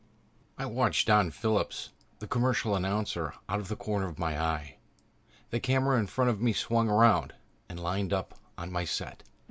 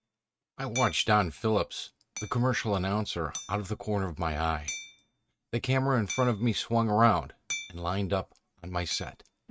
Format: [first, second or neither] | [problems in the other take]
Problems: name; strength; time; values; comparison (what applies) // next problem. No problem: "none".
first | noise reduction (neural mask model RNNoise)